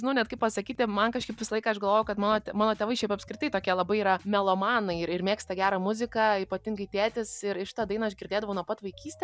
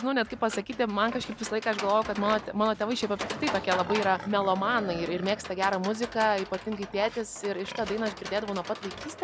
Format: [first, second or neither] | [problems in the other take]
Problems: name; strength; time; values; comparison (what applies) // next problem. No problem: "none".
first | background sound (Livestock, farm animals, working animals); 10 dB below the speech